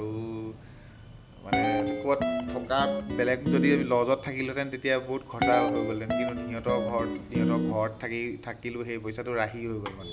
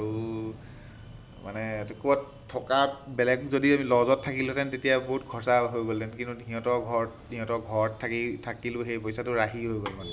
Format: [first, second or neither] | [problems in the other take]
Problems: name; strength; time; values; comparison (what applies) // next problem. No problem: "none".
second | background sound (Guitar); as loud as the speech